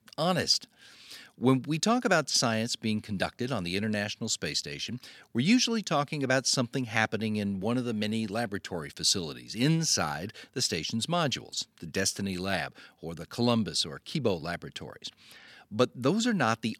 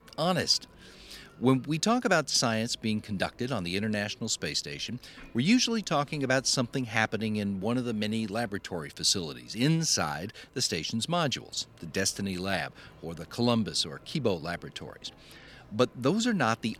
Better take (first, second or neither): first